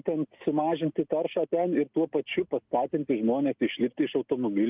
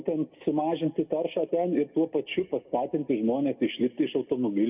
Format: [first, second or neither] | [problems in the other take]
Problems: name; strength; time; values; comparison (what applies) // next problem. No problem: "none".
first | room echo; dies away in 1.3 s